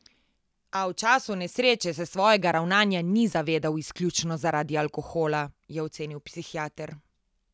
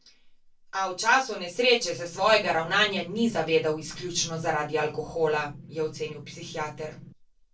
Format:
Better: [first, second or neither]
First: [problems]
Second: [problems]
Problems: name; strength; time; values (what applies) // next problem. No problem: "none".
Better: first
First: none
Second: noise reduction (neural separator model SepFormer DNS4)